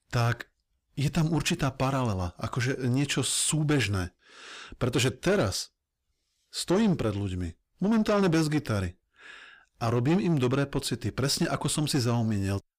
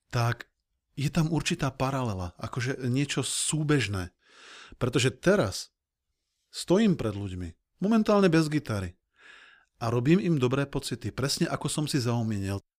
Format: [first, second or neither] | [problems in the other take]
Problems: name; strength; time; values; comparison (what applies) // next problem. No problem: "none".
second | distortion; slight; 10 dB below the speech